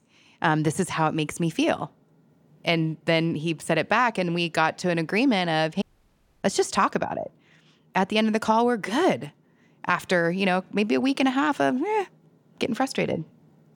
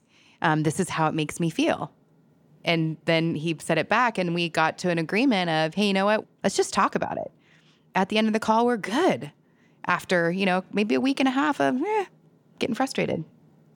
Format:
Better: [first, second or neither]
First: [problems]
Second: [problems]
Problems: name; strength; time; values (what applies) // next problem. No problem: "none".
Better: second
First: audio cutting out; at 6 s for 0.5 s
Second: none